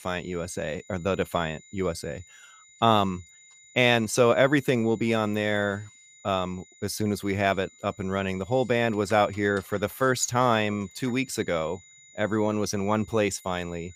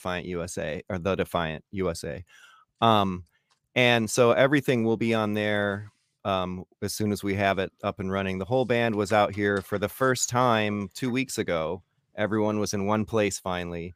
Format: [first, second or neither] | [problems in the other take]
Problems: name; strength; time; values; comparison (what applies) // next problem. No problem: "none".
second | high-pitched whine; faint; throughout; 7 kHz, 25 dB below the speech